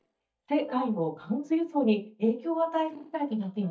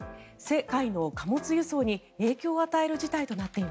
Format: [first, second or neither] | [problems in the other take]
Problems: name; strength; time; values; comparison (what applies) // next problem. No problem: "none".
second | noise reduction (neural mask model DeepFilterNet 3)